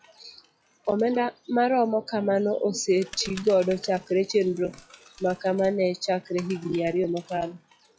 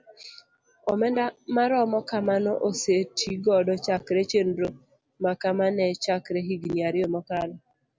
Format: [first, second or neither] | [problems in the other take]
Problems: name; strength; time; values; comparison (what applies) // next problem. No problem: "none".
second | noise reduction (classical method log-MMSE)